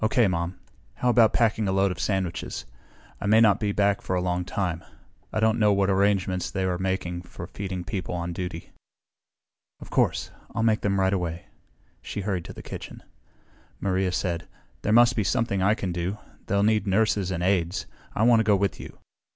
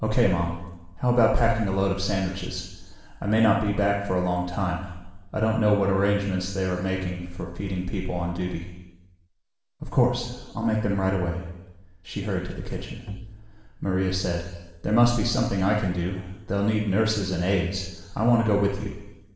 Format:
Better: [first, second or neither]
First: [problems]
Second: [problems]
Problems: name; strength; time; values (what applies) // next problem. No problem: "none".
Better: first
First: none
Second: background sound (Bowed string instrument); 16 dB below the speech // room echo; dies away in 1.1 s